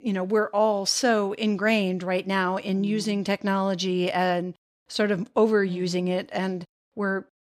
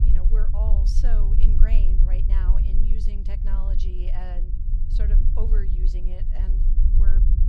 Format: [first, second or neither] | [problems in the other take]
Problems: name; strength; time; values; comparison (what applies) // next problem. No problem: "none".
first | low rumble; loud; throughout; 2 dB below the speech